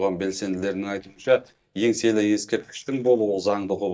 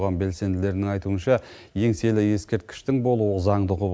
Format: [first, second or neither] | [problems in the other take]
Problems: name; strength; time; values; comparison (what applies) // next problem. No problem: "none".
second | noise reduction (neural mask model DeepFilterNet 3)